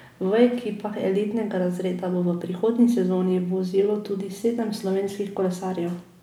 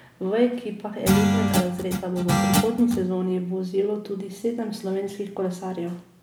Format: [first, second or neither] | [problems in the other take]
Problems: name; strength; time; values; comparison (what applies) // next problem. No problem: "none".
first | background sound (Guitar); 3 dB above the speech